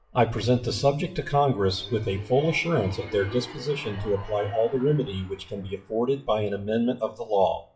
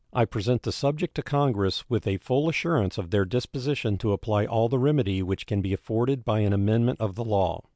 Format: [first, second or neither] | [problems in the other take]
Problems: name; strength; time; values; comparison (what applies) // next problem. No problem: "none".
second | noise reduction (classical method WPE with log-MMSE)